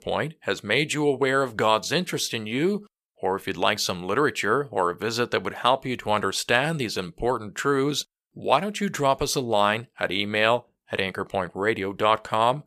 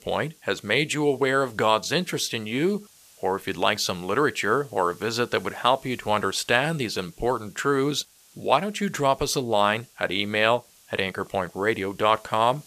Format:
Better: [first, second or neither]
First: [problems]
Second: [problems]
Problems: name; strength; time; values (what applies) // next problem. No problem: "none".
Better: first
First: none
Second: hiss; faint; throughout; 25 dB below the speech